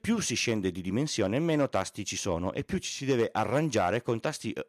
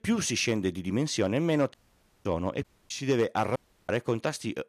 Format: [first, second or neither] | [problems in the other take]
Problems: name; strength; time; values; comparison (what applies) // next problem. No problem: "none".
first | audio cutting out; at 1.5 s for 0.5 s, at 2.5 s and at 3.5 s